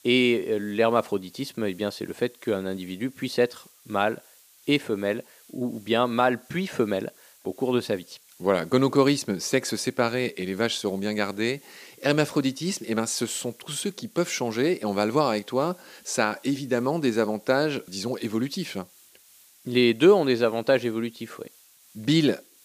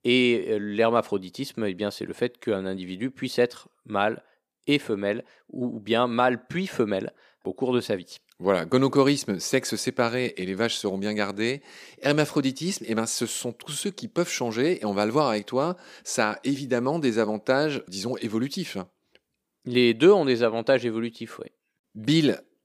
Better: second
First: hiss; faint; throughout; 25 dB below the speech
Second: none

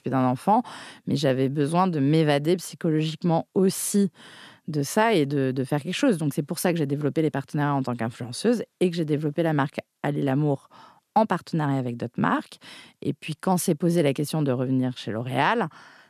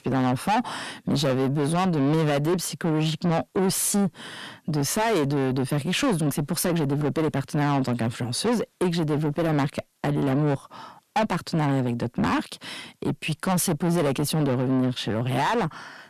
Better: first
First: none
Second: distortion; heavy; 6 dB below the speech

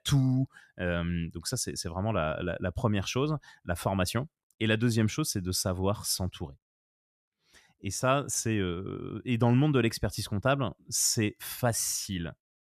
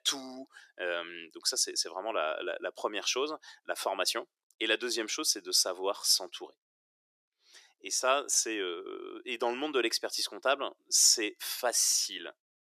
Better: first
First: none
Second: thin; very; fading below 350 Hz

